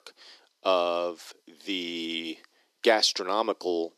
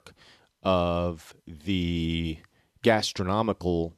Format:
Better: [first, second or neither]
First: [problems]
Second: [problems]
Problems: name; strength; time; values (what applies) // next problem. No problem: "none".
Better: second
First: thin; somewhat; fading below 300 Hz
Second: none